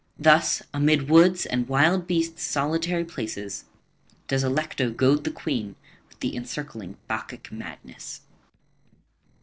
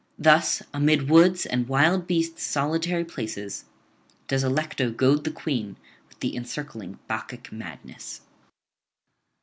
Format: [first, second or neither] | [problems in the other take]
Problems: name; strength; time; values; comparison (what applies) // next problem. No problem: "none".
second | noise reduction (neural separator model SepFormer DNS4)